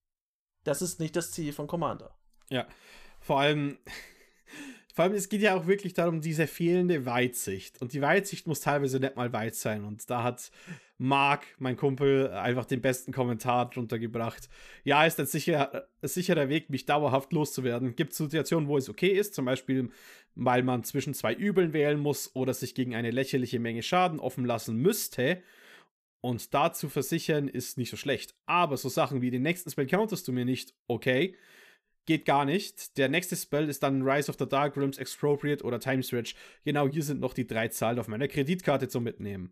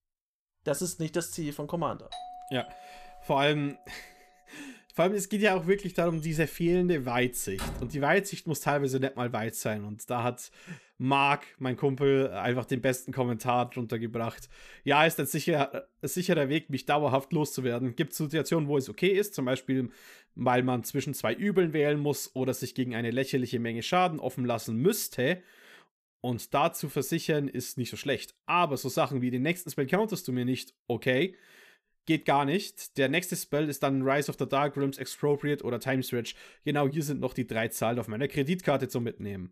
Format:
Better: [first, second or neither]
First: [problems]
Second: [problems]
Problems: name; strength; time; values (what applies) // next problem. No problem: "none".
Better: first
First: none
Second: doorbell; faint; from 2 to 4 s; peak 15 dB below the speech // door banging; noticeable; from 5.5 to 8 s; peak 9 dB below the speech